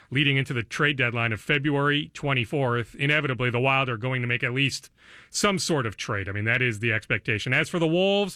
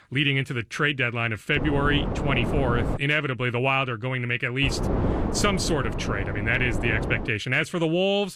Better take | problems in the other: first | wind noise on the microphone; heavy; from 1.5 to 3 s and from 4.5 to 7.5 s; 8 dB below the speech

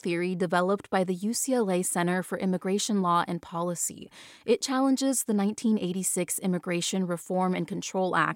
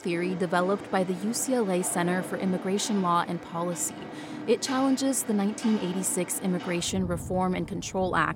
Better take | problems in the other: first | rain or running water; noticeable; throughout; 10 dB below the speech

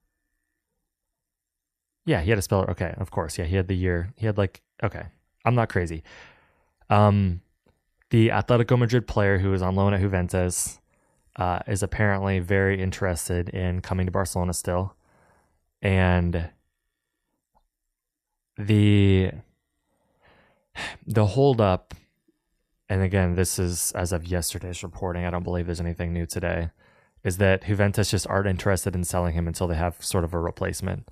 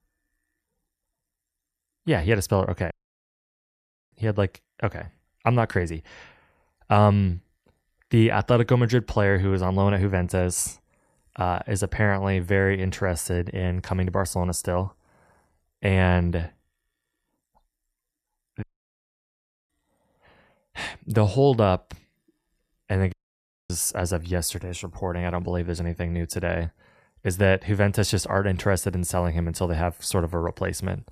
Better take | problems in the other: first | audio cutting out; at 3 s for 1 s, at 19 s for 1 s and at 23 s for 0.5 s

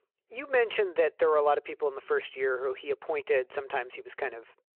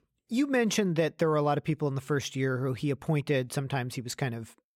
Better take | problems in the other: second | phone-call audio

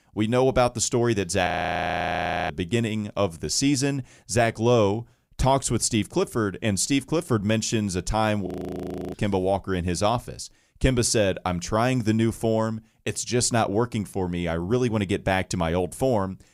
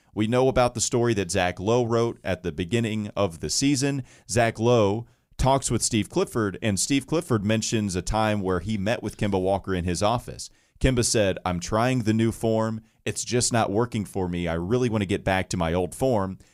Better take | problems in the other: second | audio freezing; at 1.5 s for 1 s and at 8.5 s for 0.5 s

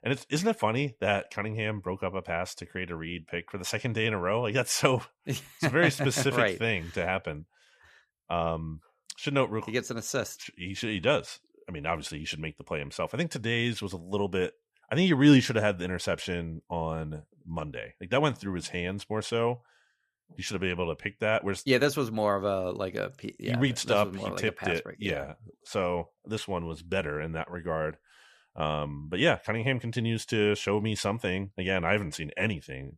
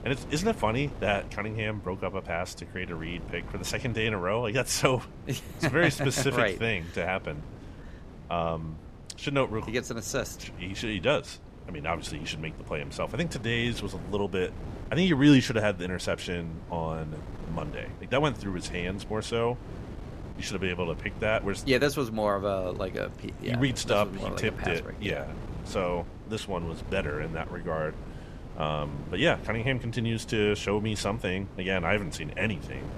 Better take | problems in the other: first | wind noise on the microphone; occasional gusts; 20 dB below the speech

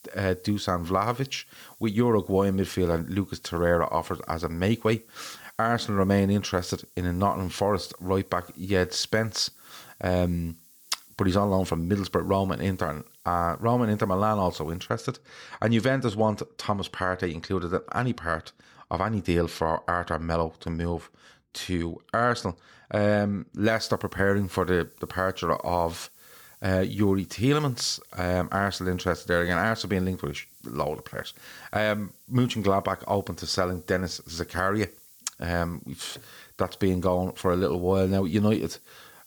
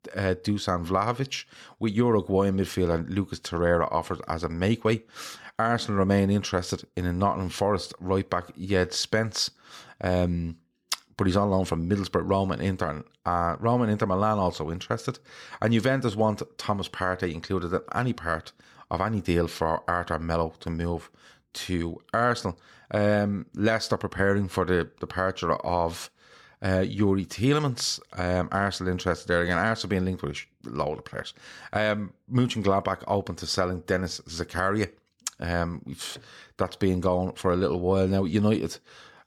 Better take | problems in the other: second | hiss; faint; until 15 s and from 24 s on; 25 dB below the speech

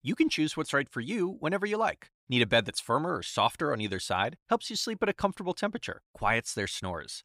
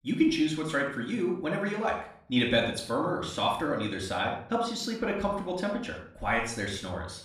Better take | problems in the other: first | off-mic speech; somewhat distant // room echo; noticeable; dies away in 0.5 s

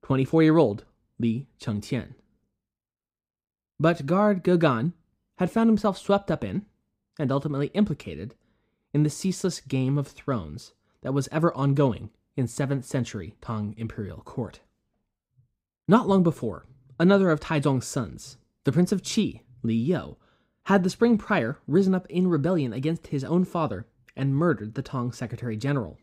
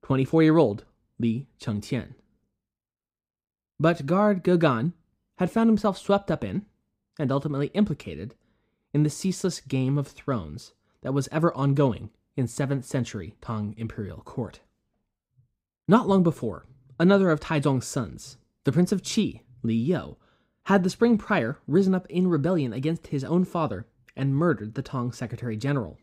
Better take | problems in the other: neither | none

